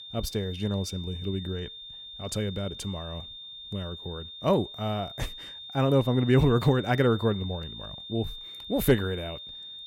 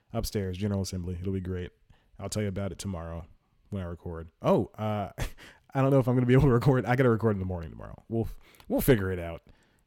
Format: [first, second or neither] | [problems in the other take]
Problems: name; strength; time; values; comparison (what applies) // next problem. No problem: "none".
second | high-pitched whine; noticeable; throughout; 3.5 kHz, 10 dB below the speech